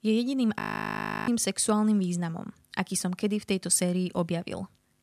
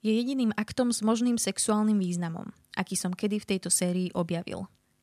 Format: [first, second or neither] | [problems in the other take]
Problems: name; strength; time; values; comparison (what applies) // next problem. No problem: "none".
second | audio freezing; at 0.5 s for 0.5 s